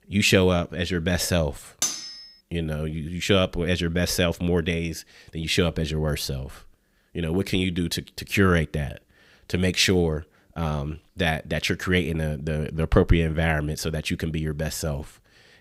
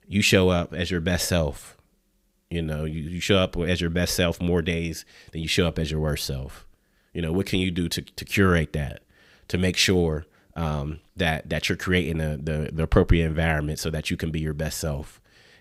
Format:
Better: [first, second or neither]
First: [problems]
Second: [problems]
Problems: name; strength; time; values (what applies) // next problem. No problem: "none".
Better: second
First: clattering dishes; noticeable; at 2 s; peak 1 dB below the speech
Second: none